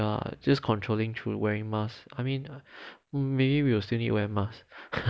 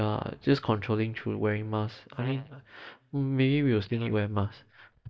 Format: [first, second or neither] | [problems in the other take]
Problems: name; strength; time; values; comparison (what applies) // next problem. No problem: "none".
first | noise reduction (neural mask model DeepFilterNet 3)